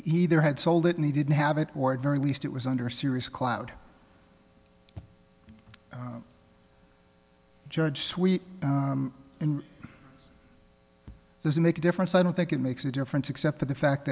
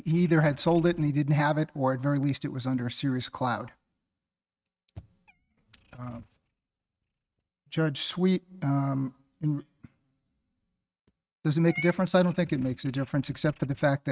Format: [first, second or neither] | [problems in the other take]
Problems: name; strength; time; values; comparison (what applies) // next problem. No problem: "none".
first | noise reduction (neural mask model RNNoise)